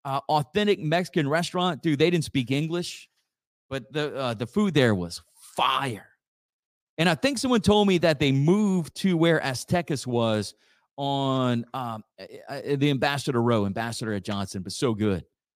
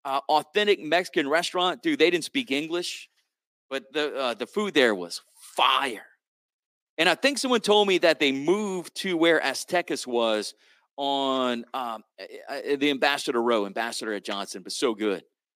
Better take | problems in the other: first | thin; somewhat; fading below 300 Hz

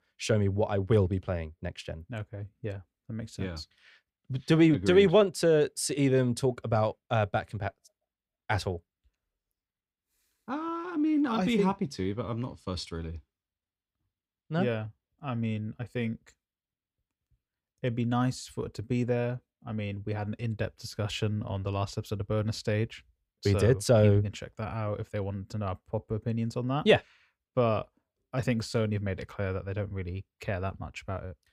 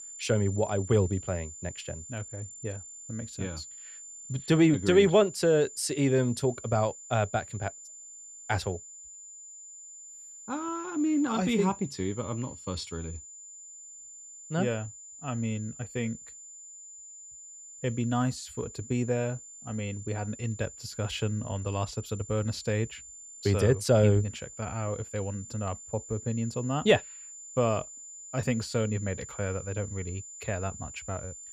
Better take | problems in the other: first | high-pitched whine; noticeable; throughout; 7 kHz, 15 dB below the speech

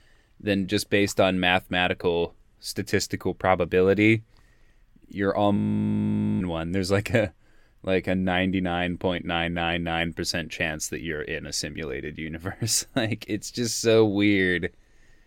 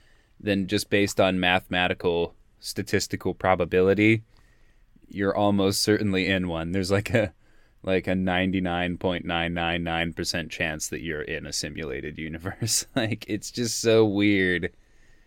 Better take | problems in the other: second | audio freezing; at 5.5 s for 1 s

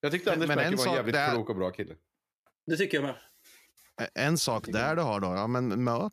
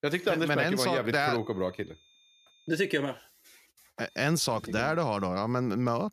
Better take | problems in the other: first | high-pitched whine; faint; from 1 to 3 s and from 4 to 5 s; 3.5 kHz, 30 dB below the speech

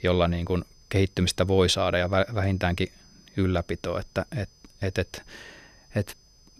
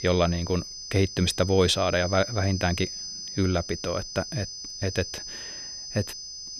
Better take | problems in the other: first | high-pitched whine; loud; throughout; 5 kHz, 8 dB below the speech; faint in the first

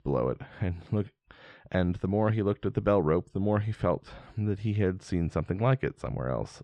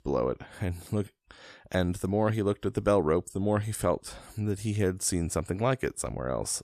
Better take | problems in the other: second | muffled; very; fading above 3.5 kHz

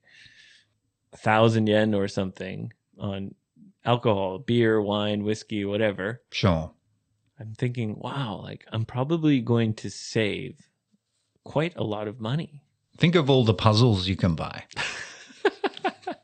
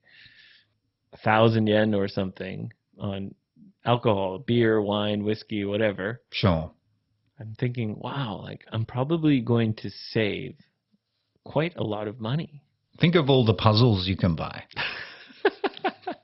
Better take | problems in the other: first | garbled, watery; badly; nothing above 5.5 kHz; slightly in the first

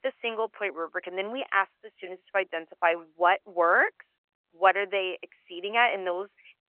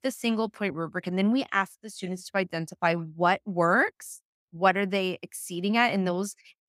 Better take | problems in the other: second | phone-call audio; nothing above 3 kHz

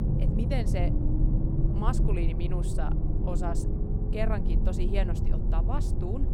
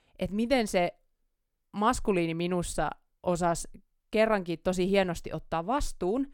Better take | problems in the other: second | low rumble; loud; throughout; 2 dB below the speech

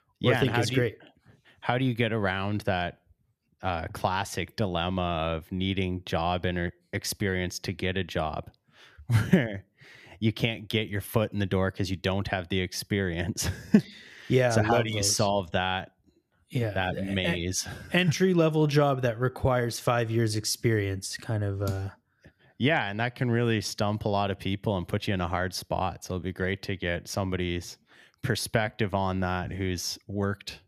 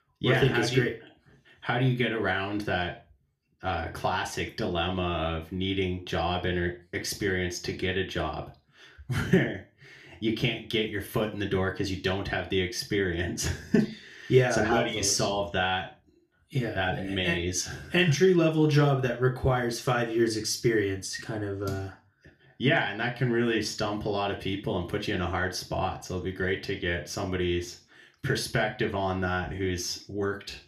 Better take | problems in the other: first | room echo; slight; dies away in 0.3 s // off-mic speech; somewhat distant

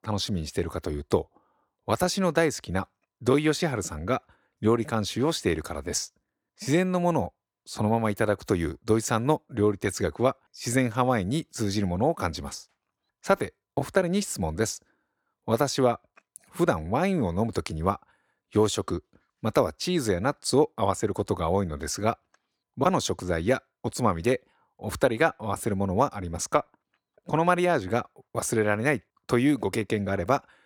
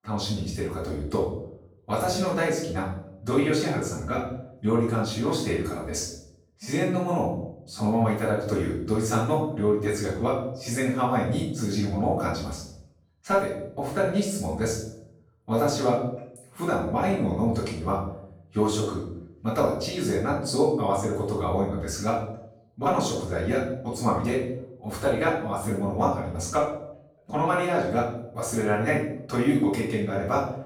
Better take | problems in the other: first | off-mic speech; far // room echo; noticeable; dies away in 0.7 s

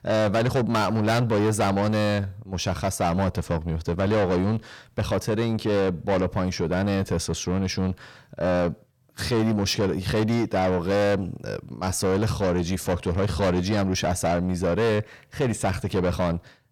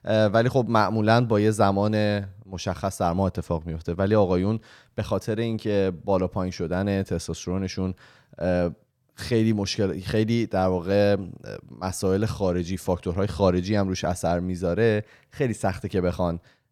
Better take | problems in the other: second | distortion; heavy; 8 dB below the speech

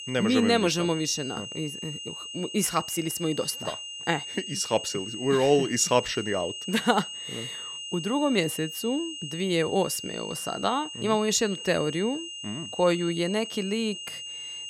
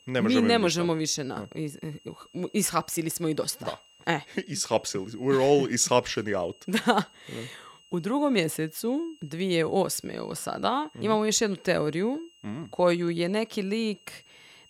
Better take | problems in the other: second | high-pitched whine; loud; throughout; 3 kHz, 8 dB below the speech; faint in the second

